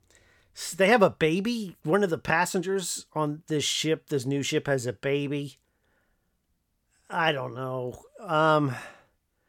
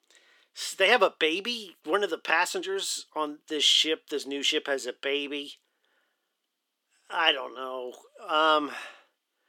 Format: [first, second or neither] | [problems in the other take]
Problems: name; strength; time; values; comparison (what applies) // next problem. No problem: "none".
first | thin; somewhat; fading below 300 Hz